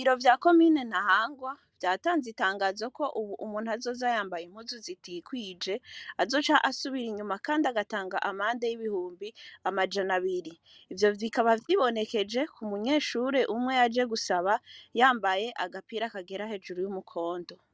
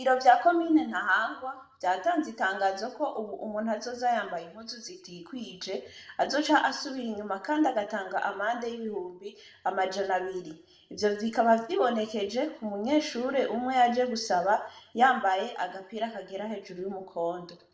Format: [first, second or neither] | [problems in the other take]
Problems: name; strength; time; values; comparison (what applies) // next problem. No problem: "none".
first | room echo; dies away in 0.5 s